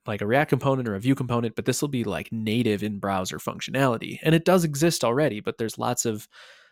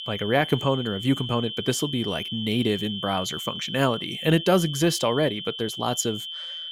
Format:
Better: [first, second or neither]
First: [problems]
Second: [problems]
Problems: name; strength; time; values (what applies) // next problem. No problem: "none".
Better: first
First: none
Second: high-pitched whine; loud; throughout; 3 kHz, 7 dB below the speech